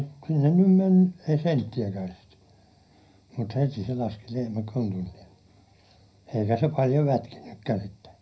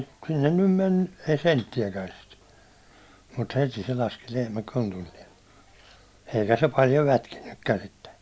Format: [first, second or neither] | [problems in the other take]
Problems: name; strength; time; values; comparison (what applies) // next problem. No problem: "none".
second | room echo; dies away in 0.4 s